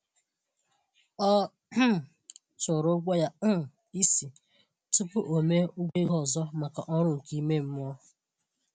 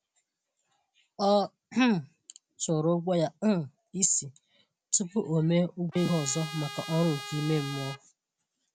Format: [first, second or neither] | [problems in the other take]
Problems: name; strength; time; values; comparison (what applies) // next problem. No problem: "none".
first | background sound (Trumpet); 11 dB below the speech